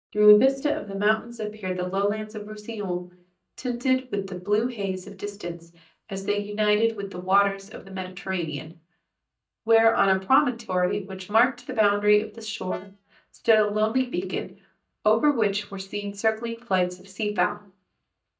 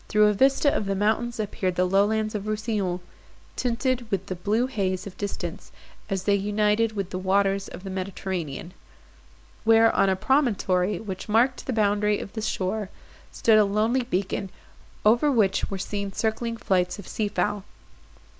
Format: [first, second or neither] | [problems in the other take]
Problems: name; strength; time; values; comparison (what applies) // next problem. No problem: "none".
second | noise reduction (neural mask model DeepFilterNet 3)